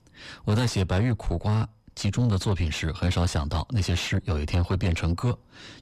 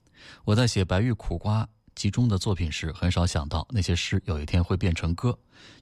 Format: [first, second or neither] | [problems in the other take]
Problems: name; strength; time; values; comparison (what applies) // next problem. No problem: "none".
second | distortion; slight; 10 dB below the speech